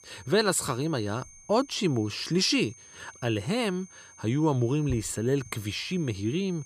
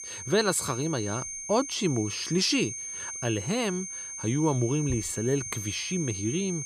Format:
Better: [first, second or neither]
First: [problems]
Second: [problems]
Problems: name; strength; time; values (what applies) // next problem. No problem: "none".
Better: first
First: high-pitched whine; faint; throughout; 6.5 kHz, 20 dB below the speech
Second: high-pitched whine; loud; throughout; 6.5 kHz, 7 dB below the speech